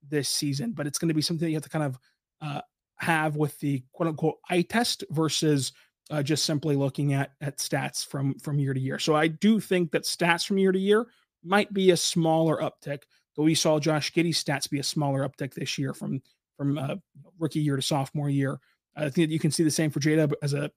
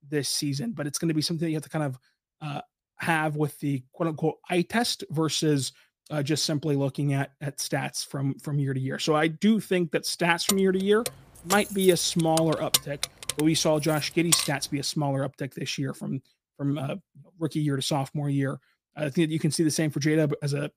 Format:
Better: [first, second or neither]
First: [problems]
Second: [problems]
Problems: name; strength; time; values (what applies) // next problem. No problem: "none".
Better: first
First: none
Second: jangling keys; loud; from 10 to 14 s; peak 2 dB above the speech